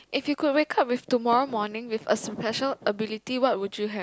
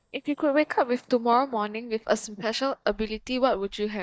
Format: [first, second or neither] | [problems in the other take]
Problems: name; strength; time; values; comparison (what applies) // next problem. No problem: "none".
first | noise reduction (neural mask model DeepFilterNet 3)